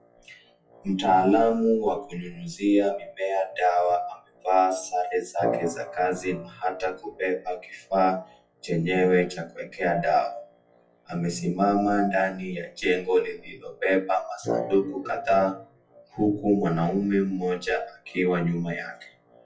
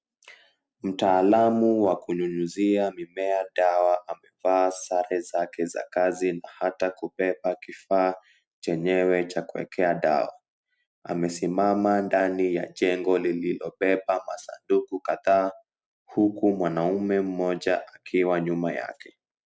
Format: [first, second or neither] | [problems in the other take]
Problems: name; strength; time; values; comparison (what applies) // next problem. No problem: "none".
second | noise reduction (classical method WPE with log-MMSE)